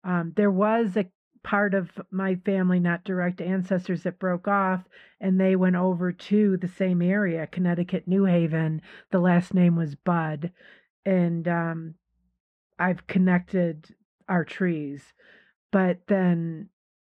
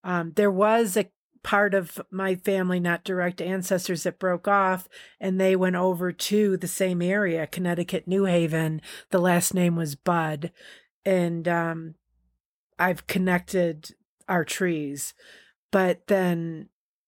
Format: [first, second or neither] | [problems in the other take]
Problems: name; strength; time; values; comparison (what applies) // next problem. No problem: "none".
second | muffled; very; fading above 2 kHz